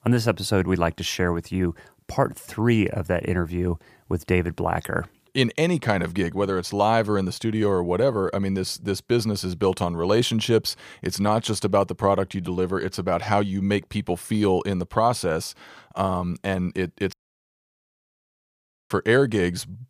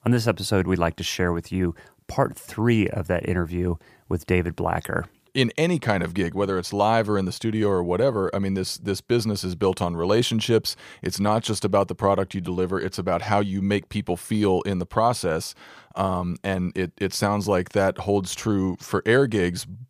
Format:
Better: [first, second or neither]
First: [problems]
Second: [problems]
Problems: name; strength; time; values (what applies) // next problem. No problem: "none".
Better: second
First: audio cutting out; at 17 s for 2 s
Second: none